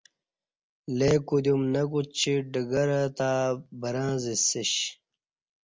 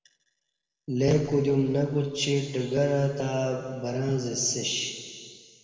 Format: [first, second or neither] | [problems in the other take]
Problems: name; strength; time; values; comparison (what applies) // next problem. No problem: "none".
first | room echo; dies away in 2.3 s